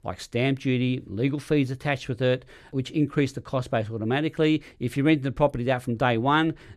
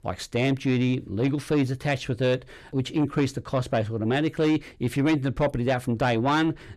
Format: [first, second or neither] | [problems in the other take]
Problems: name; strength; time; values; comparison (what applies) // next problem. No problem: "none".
first | distortion; slight; 10 dB below the speech